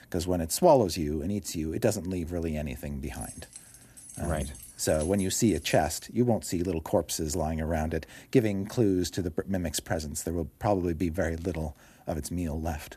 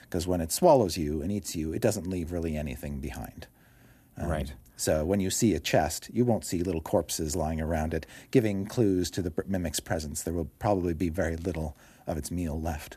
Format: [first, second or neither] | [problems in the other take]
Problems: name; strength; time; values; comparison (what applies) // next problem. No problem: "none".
second | jangling keys; faint; from 3 to 6 s; peak 10 dB below the speech